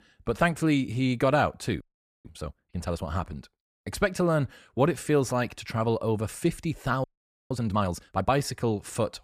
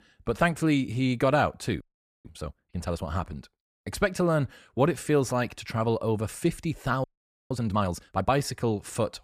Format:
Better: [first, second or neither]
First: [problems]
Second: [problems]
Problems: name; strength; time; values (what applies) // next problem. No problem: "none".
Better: neither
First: audio freezing; at 2 s and at 7 s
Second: audio freezing; at 2 s and at 7 s